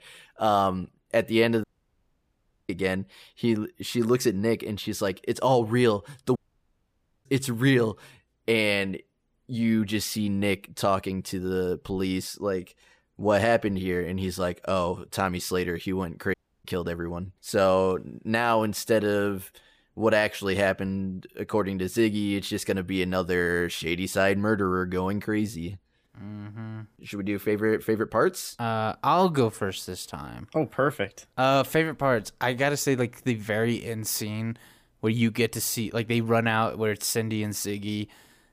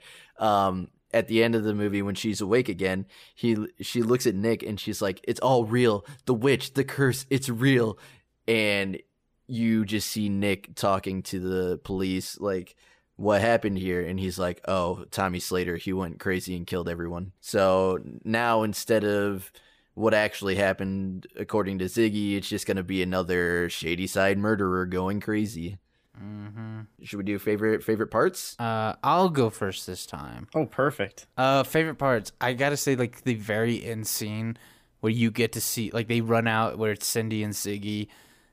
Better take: second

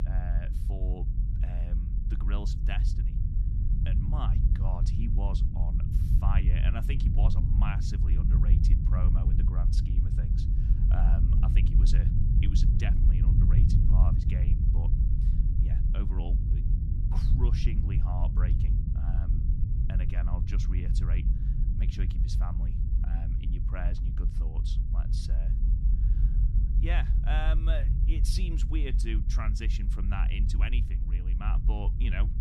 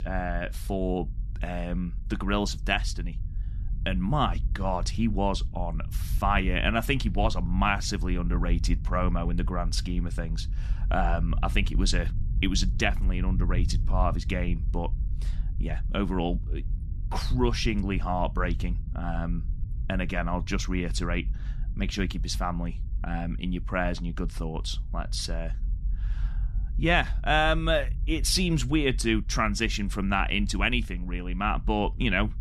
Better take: second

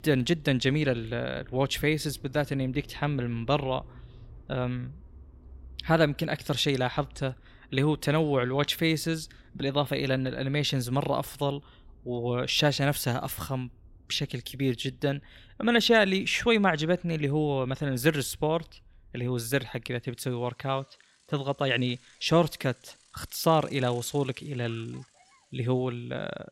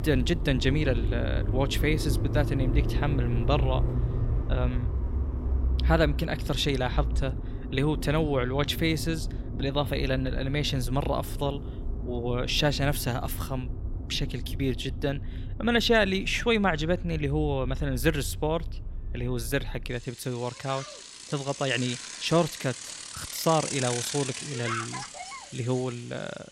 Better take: first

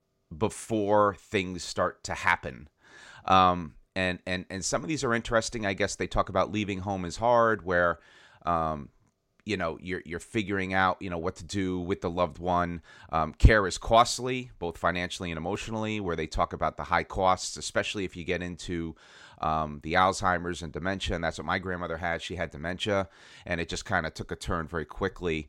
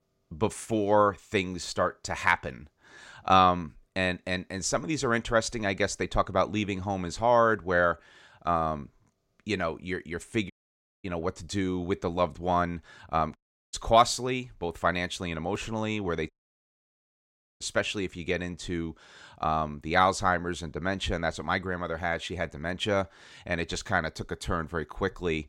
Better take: first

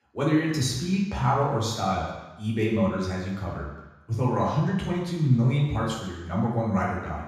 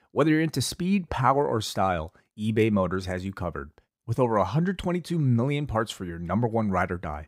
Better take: second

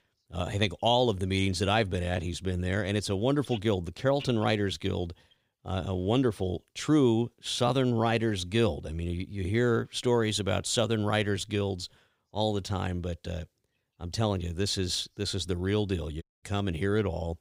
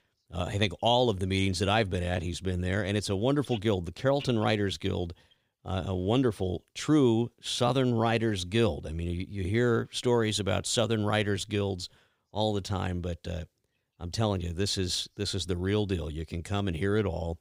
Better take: second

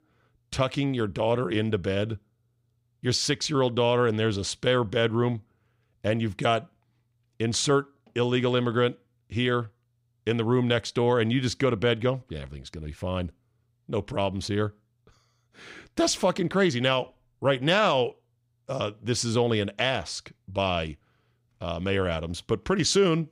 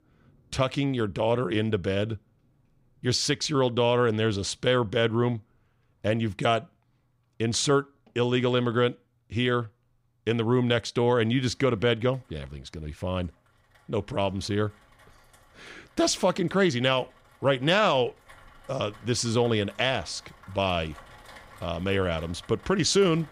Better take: first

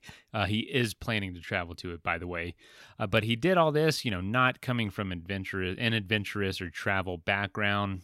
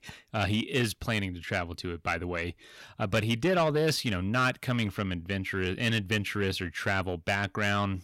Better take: first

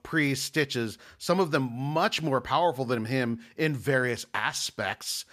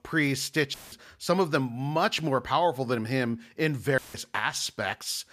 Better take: first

